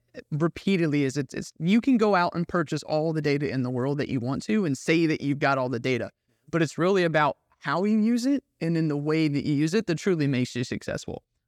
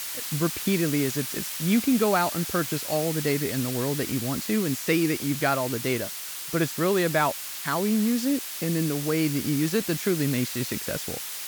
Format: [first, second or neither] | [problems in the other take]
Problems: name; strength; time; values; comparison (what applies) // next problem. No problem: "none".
first | hiss; loud; throughout; 5 dB below the speech